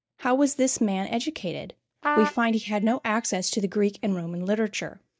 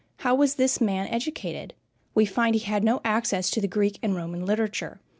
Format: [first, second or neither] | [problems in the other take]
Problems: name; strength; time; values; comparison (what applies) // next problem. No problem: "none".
second | noise reduction (neural mask model DeepFilterNet 3)